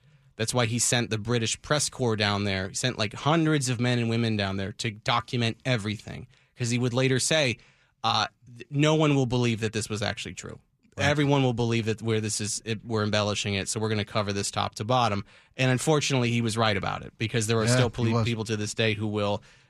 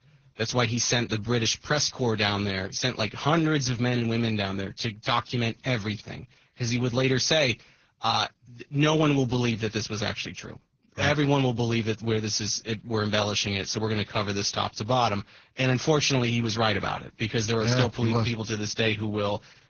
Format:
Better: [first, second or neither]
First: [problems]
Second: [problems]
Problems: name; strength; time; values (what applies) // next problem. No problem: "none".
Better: first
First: none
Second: garbled, watery; badly; nothing above 6.5 kHz